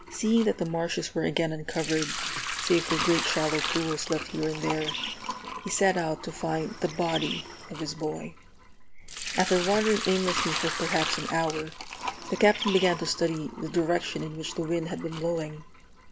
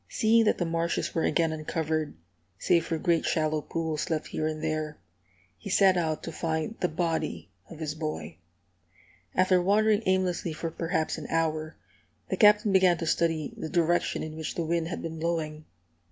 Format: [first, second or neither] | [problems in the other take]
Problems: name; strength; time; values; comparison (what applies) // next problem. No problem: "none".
second | background sound (Bird + Sink (filling or washing) / Liquid); 6 dB below the speech